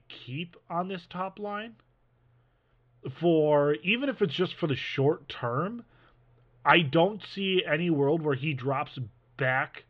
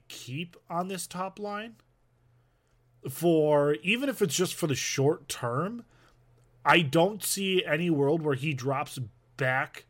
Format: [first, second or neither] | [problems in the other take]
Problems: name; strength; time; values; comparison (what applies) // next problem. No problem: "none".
second | muffled; very; fading above 3.5 kHz